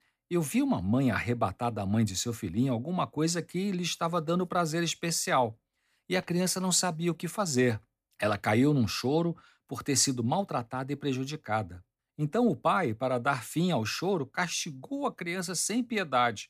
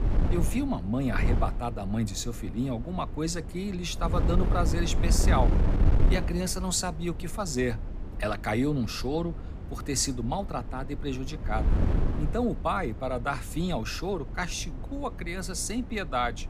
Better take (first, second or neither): first